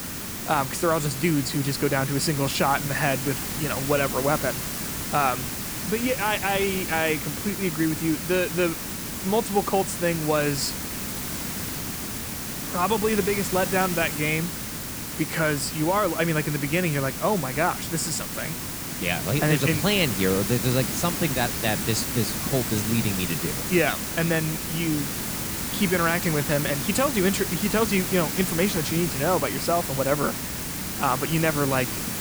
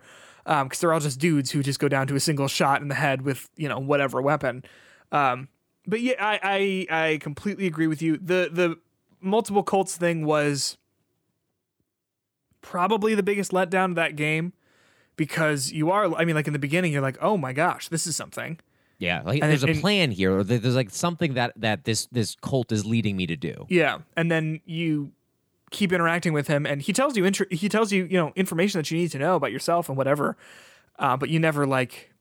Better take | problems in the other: second | hiss; loud; throughout; 3 dB below the speech

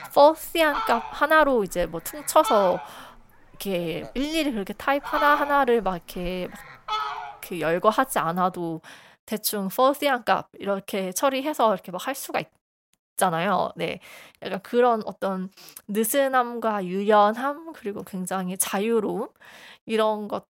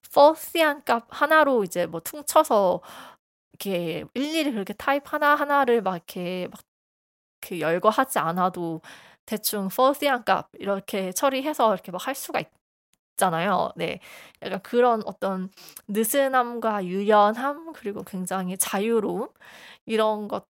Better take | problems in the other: second | animal sounds; loud; until 8.5 s; 8 dB below the speech

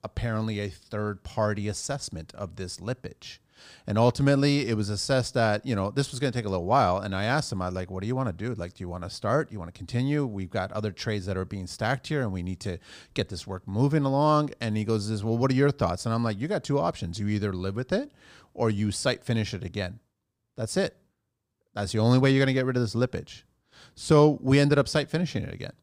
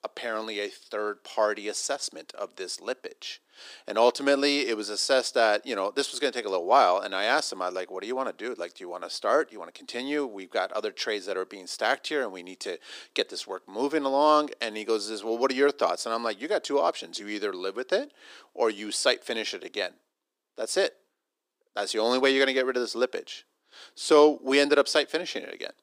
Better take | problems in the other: first | thin; somewhat; fading below 300 Hz

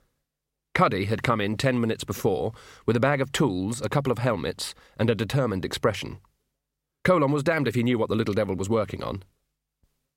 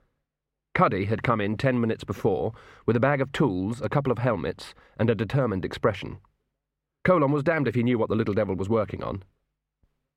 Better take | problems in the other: first | muffled; slightly; fading above 3.5 kHz

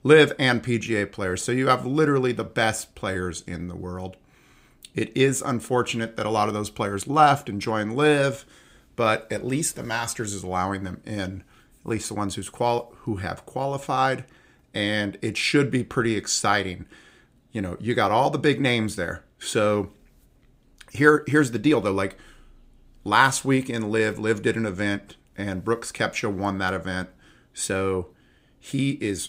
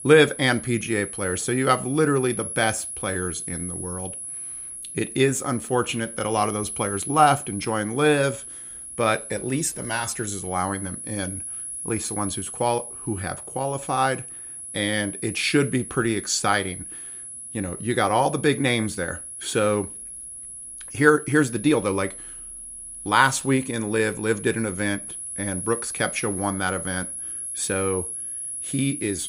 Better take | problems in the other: first | high-pitched whine; loud; throughout; 10.5 kHz, 8 dB below the speech

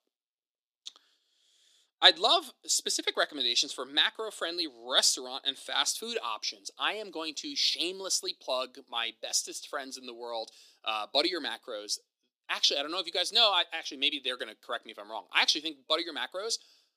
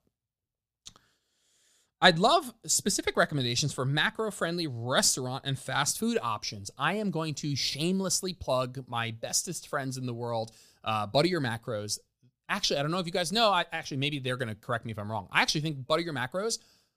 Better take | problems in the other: second | thin; somewhat; fading below 300 Hz

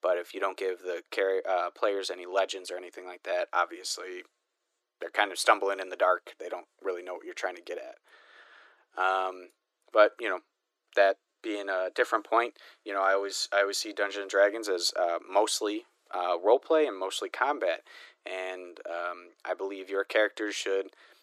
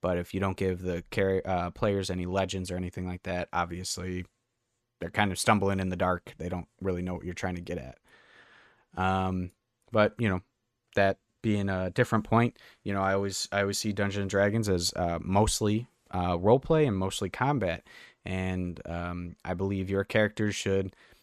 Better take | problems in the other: second | thin; very; fading below 300 Hz

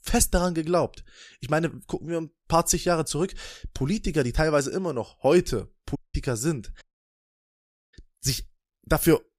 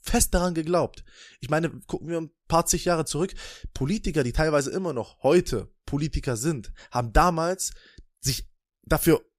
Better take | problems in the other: second | audio cutting out; at 6 s and at 7 s for 1 s

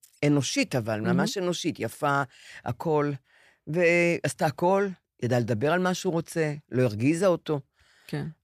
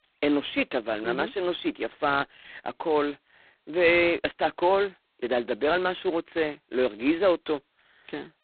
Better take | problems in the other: first | phone-call audio; poor line; nothing above 4 kHz

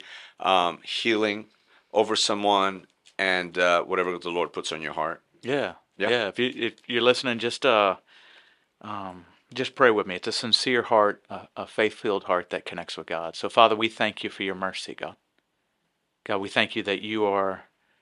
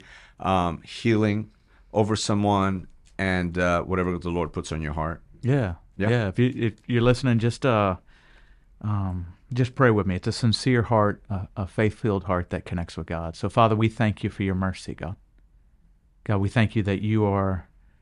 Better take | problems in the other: second | thin; somewhat; fading below 450 Hz

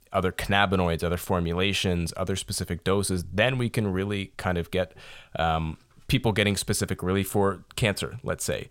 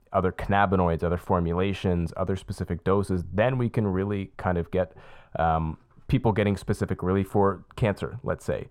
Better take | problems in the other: first | muffled; very; fading above 2 kHz

